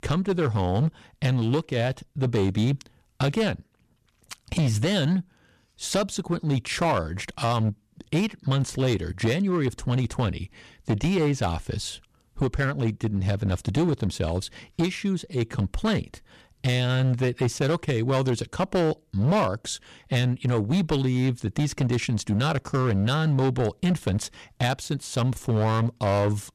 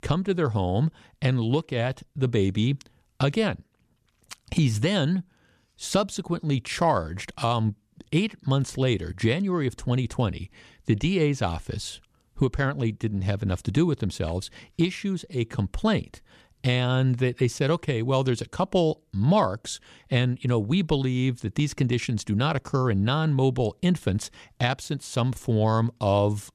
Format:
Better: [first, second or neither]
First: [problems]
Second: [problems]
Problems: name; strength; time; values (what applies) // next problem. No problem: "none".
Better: second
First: distortion; slight; 9% of the sound clipped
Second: none